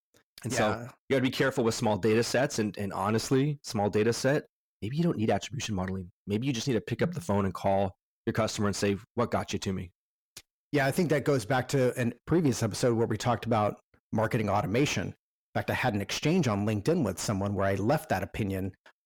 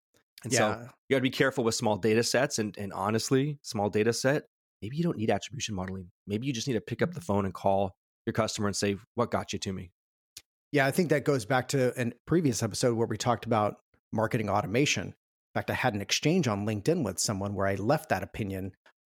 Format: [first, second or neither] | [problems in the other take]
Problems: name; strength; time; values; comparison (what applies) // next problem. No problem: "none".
second | distortion; slight; 10 dB below the speech